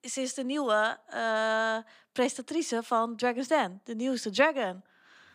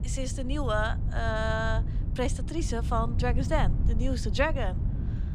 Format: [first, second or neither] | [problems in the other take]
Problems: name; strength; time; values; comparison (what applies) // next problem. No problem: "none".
first | wind noise on the microphone; occasional gusts; 15 dB below the speech